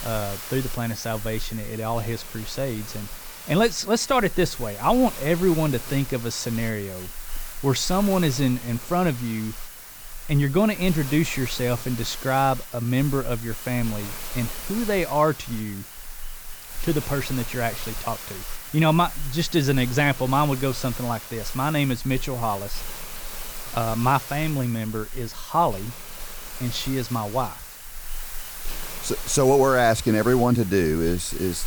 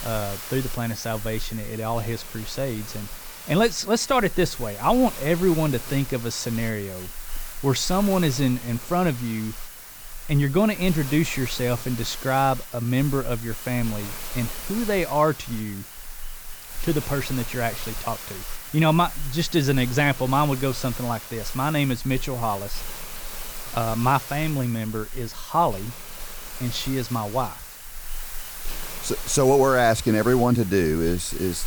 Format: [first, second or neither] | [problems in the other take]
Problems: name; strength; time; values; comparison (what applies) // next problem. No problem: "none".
neither | hiss; noticeable; throughout; 10 dB below the speech; the same in both